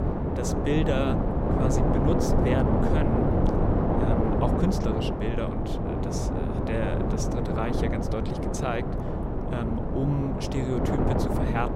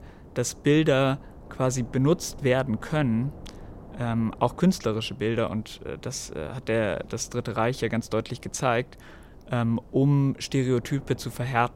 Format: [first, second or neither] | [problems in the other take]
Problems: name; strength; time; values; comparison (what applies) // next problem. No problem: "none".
second | wind noise on the microphone; heavy; 3 dB above the speech; occasional gusts in the second